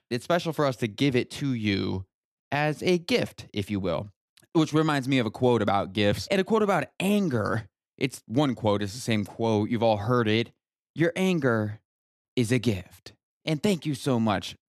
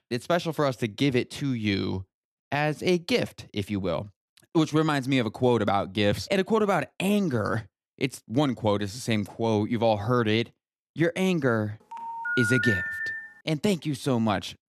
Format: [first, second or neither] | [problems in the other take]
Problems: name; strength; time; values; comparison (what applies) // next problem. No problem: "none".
first | phone ringing; loud; from 12 to 13 s; peak 1 dB above the speech